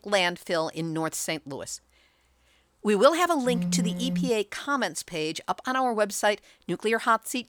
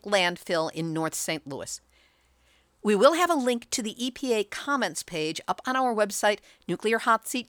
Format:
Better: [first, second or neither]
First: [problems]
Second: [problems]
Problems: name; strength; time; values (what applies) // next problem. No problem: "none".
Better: second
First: phone ringing; noticeable; at 3.5 s; peak 1 dB below the speech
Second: none